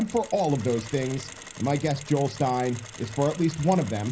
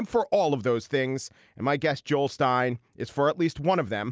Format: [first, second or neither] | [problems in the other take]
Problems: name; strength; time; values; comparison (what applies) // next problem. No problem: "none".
second | background sound (Mechanisms); 16 dB below the speech // room echo; dies away in 0.4 s